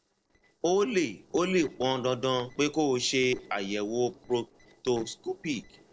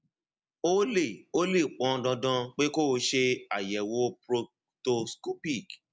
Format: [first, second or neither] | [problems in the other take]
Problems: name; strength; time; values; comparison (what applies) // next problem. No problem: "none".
second | noise reduction (neural separator model SepFormer DNS4)